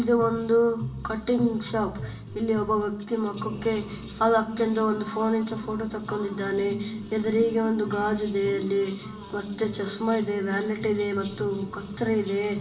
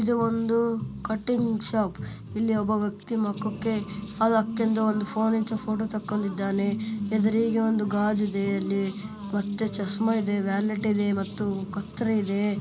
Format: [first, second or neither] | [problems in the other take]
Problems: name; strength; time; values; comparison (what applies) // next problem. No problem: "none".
second | room echo; dies away in 0.6 s